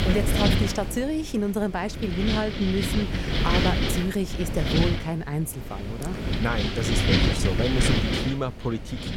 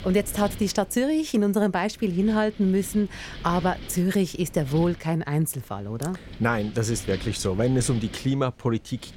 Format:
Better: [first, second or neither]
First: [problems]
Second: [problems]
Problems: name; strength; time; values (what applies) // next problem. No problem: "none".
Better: second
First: wind noise on the microphone; heavy; 3 dB above the speech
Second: wind noise on the microphone; occasional gusts; 15 dB below the speech